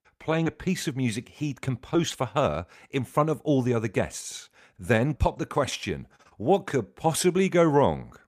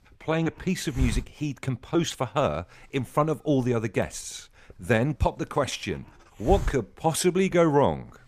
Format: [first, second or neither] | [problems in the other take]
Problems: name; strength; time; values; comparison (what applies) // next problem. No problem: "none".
first | hiss; loud; throughout; 7 dB below the speech